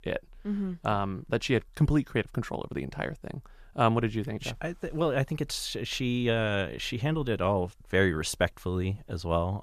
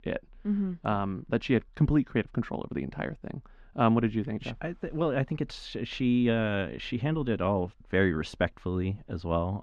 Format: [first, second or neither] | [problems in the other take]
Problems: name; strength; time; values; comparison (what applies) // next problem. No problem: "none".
first | muffled; slightly; fading above 3 kHz